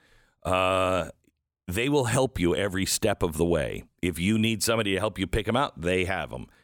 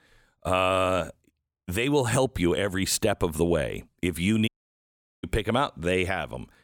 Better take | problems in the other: first | audio cutting out; at 4.5 s for 1 s

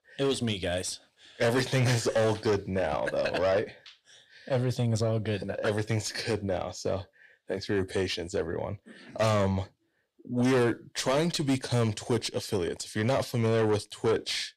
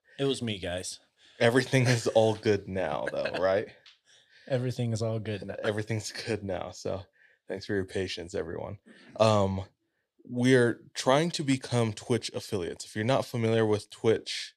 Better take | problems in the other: second | distortion; heavy; 7 dB below the speech

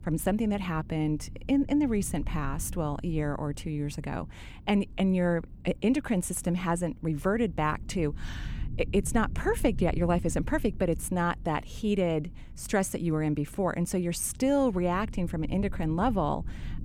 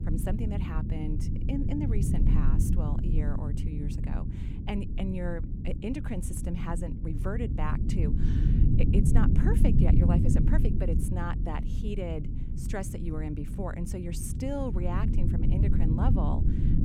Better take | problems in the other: first | low rumble; loud; throughout; 2 dB below the speech; faint in the first

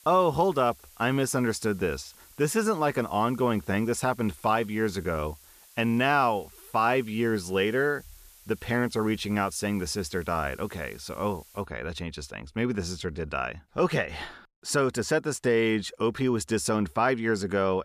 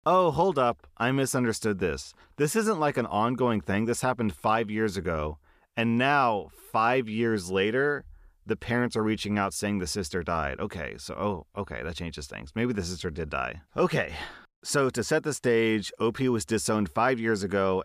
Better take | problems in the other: second | hiss; faint; until 12 s; 25 dB below the speech

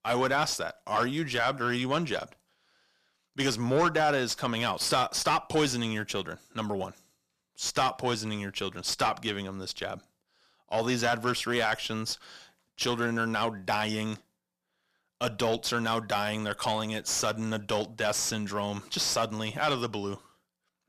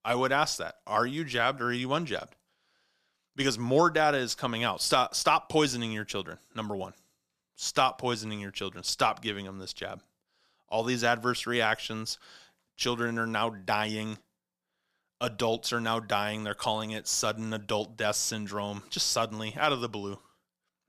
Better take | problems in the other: second | distortion; slight; 10 dB below the speech

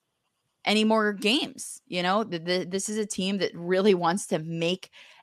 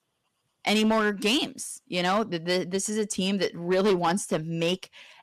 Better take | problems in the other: first | distortion; slight; 5% of the sound clipped

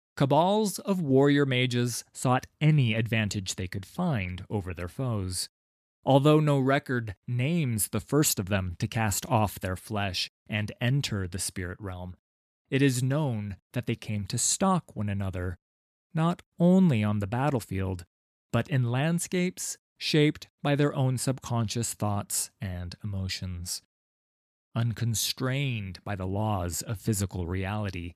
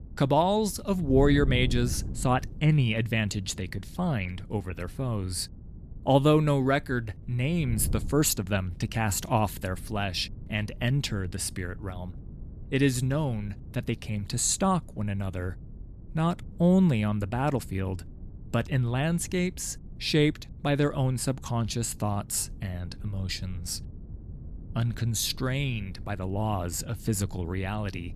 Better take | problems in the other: first | wind noise on the microphone; occasional gusts; 25 dB below the speech

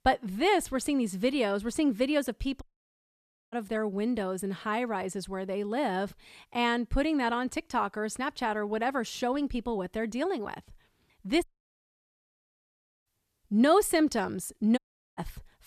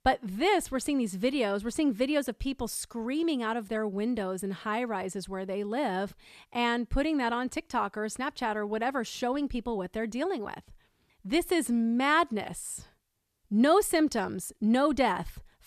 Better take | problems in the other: second | audio cutting out; at 2.5 s for 1 s, at 11 s for 1.5 s and at 15 s

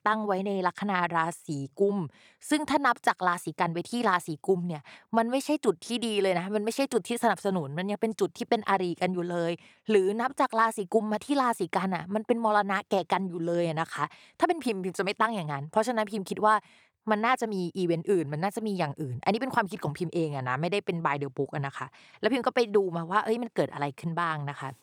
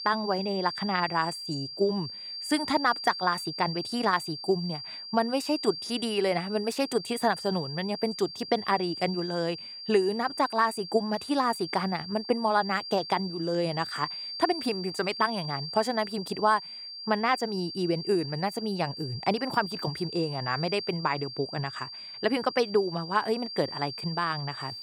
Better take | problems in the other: first | high-pitched whine; loud; throughout; 4.5 kHz, 8 dB below the speech

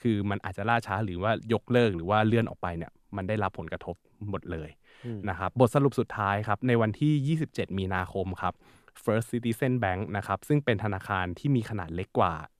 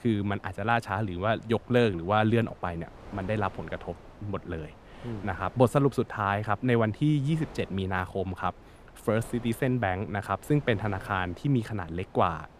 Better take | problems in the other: first | wind noise on the microphone; occasional gusts; 20 dB below the speech

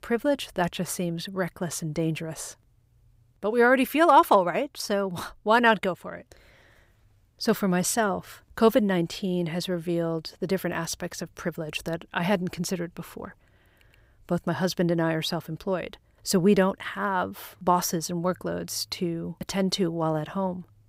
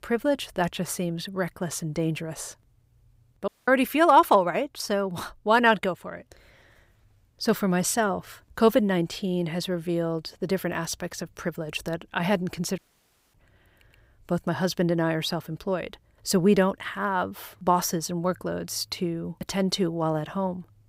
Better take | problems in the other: first | audio cutting out; at 3.5 s and at 13 s for 0.5 s

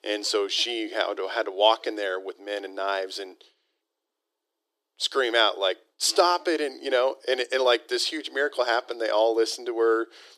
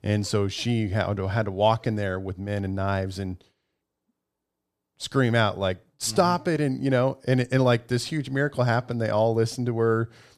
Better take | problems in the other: second | thin; very; fading below 300 Hz

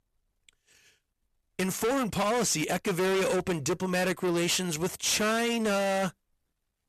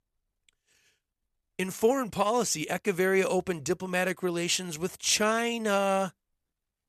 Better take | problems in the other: second | distortion; heavy; 21% of the sound clipped

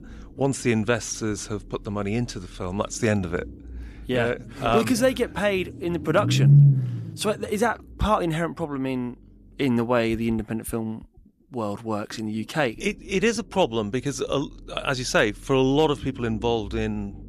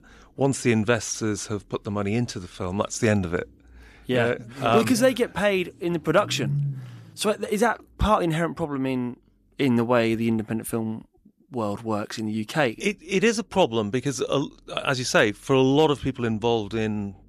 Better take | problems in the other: second | low rumble; loud; throughout; 9 dB below the speech; faint in the second

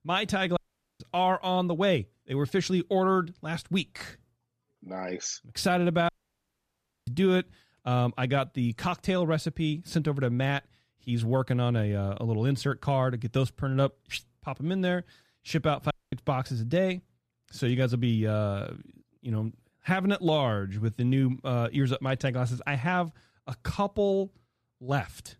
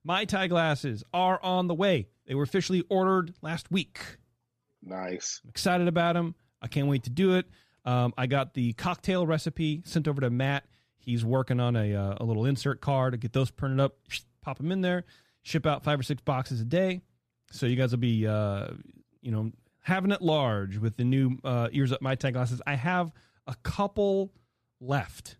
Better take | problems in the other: second | audio cutting out; at 0.5 s, at 6 s for 1 s and at 16 s

